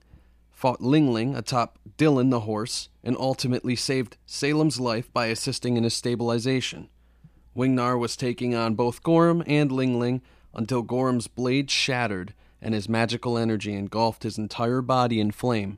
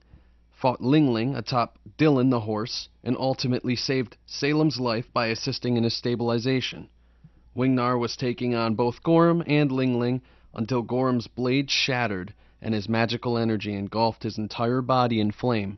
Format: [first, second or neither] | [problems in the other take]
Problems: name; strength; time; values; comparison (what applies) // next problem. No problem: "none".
first | garbled, watery; slightly; nothing above 6 kHz